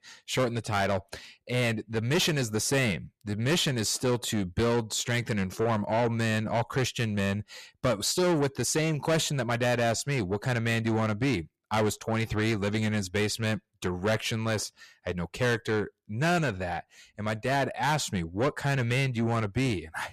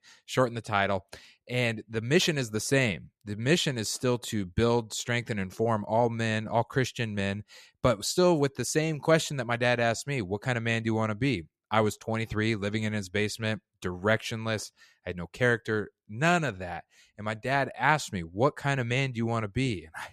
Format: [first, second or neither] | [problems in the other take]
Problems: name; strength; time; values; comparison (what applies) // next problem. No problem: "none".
second | distortion; heavy; 7 dB below the speech